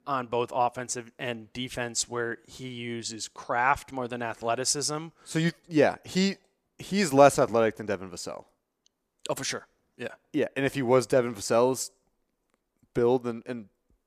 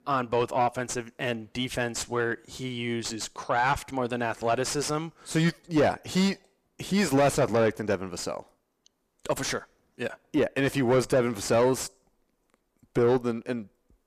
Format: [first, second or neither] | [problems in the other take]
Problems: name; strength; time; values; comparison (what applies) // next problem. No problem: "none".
first | distortion; heavy; 6 dB below the speech